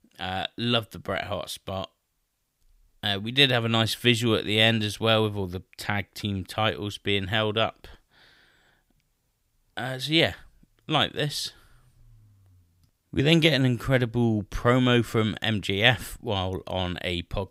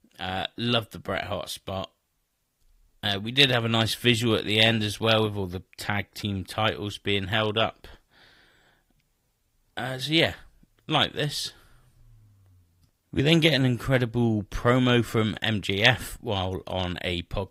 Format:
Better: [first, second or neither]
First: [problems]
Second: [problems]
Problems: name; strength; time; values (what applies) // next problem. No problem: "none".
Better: first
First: none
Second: garbled, watery; slightly; nothing above 15.5 kHz